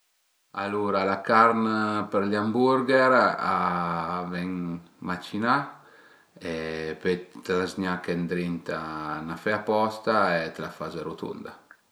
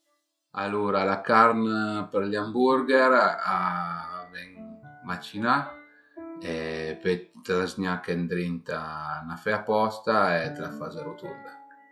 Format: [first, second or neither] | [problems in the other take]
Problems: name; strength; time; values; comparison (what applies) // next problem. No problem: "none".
first | noise reduction (classical method log-MMSE)